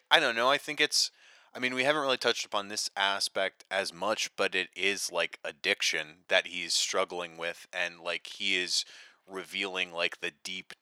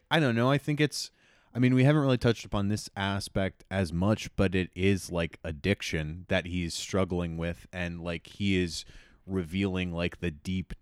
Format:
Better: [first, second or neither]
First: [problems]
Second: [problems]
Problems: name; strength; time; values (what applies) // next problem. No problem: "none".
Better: second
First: thin; very; fading below 700 Hz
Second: none